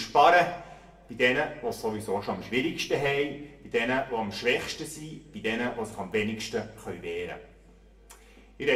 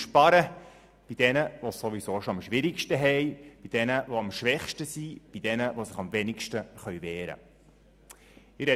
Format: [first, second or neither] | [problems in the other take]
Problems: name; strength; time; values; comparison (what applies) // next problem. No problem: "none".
second | room echo; dies away in 0.6 s